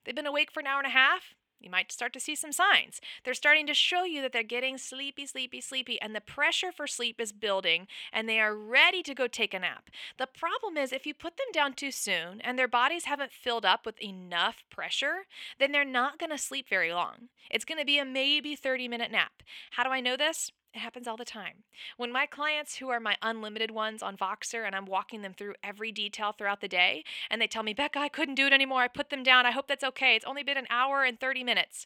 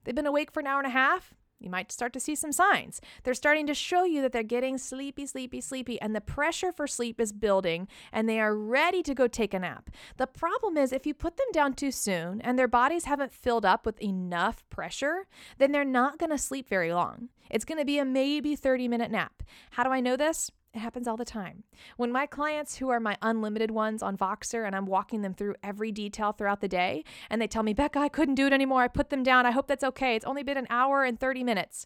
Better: second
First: thin; very slightly; fading below 550 Hz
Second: none

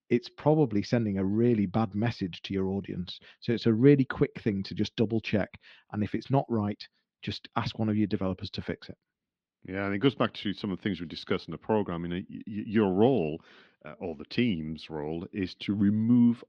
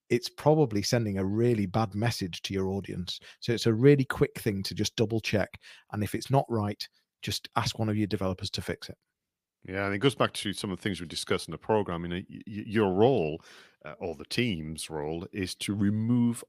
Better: second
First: muffled; very slightly; fading above 4 kHz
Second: none

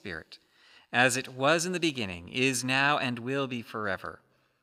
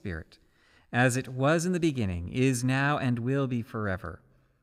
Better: second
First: thin; somewhat; fading below 950 Hz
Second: none

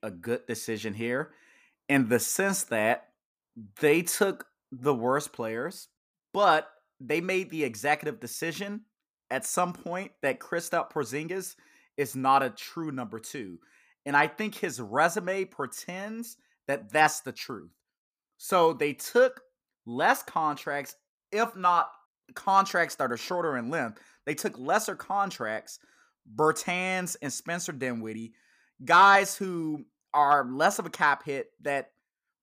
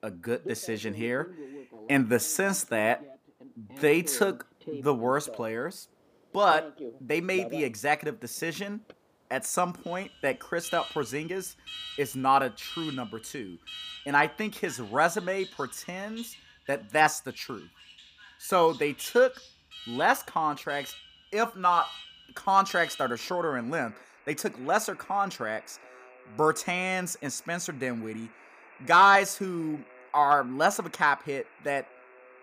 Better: first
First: none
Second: alarms or sirens; noticeable; throughout; 20 dB below the speech

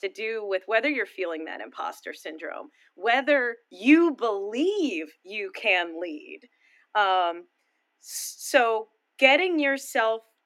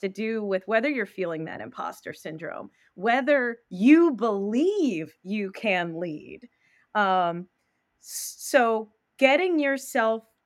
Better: second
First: thin; very slightly; fading below 250 Hz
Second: none

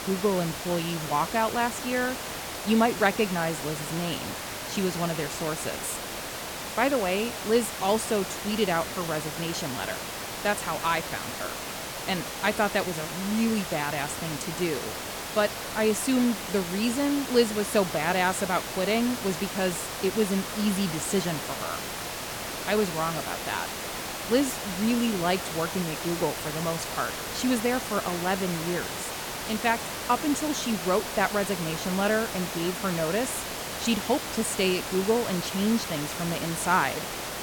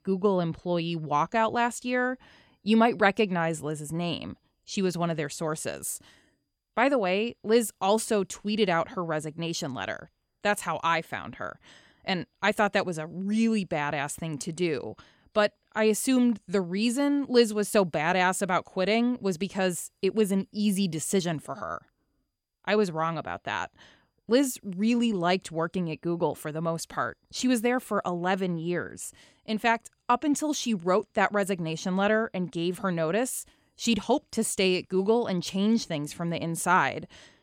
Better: second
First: hiss; loud; throughout; 5 dB below the speech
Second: none

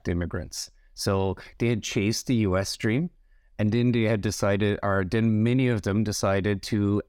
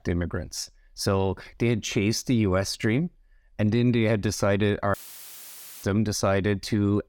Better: first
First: none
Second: audio cutting out; filled with static; at 5 s for 1 s

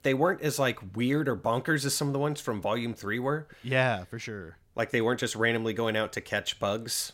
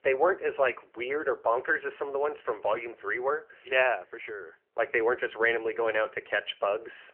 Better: first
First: none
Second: phone-call audio; nothing above 3 kHz

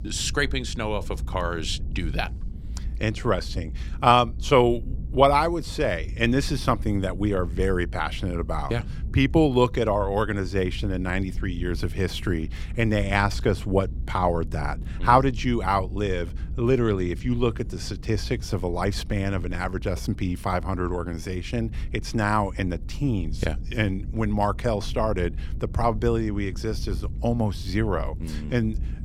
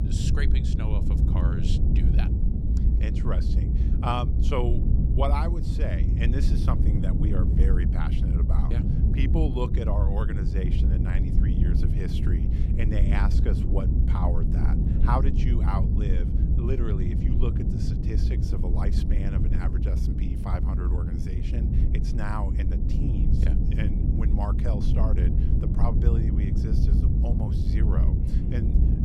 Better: first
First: low rumble; faint; throughout; 25 dB below the speech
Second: low rumble; loud; throughout; 2 dB below the speech

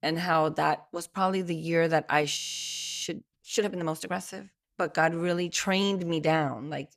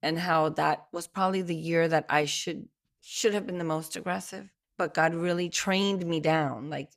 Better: second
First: audio freezing; at 2.5 s for 0.5 s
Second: none

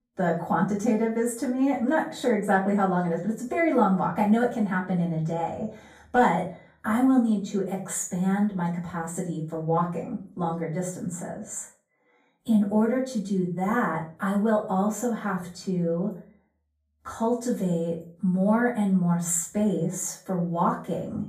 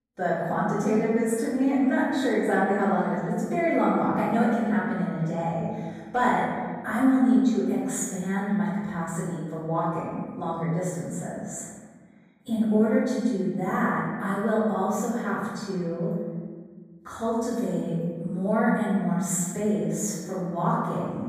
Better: first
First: room echo; slight; dies away in 0.4 s // off-mic speech; far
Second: room echo; strong; dies away in 1.6 s // off-mic speech; far

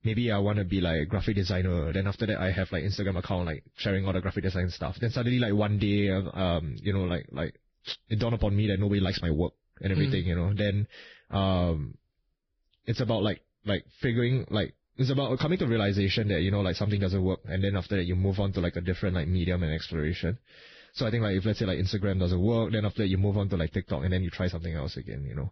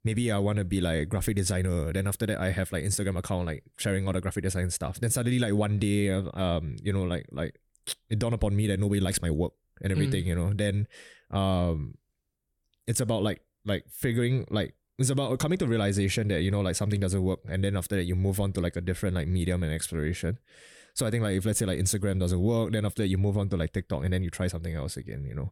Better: second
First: garbled, watery; badly; nothing above 5.5 kHz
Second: none

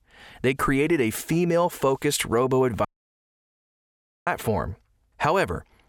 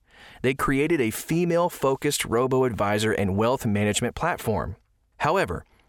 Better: second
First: audio cutting out; at 3 s for 1.5 s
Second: none

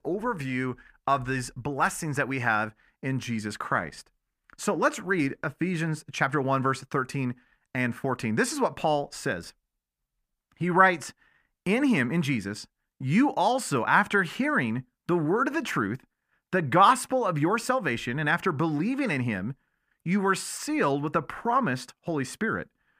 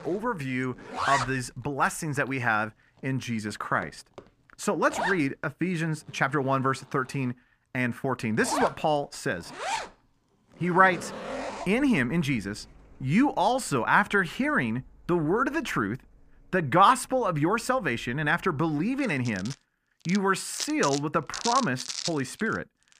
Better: first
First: none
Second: household noises; loud; throughout; 7 dB below the speech

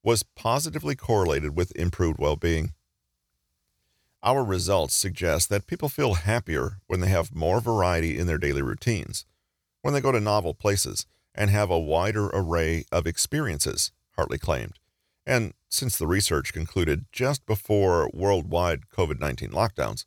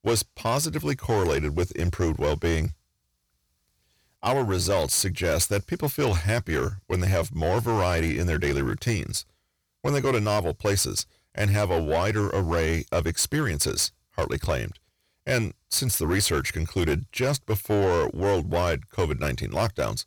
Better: first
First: none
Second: distortion; slight; 10 dB below the speech

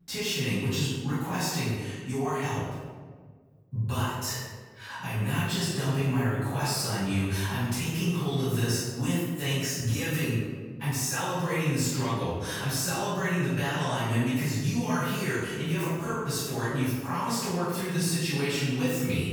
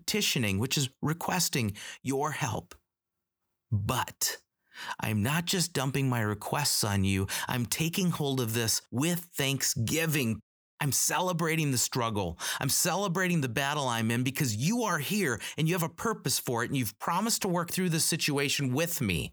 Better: second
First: off-mic speech; far // room echo; strong; dies away in 1.4 s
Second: none

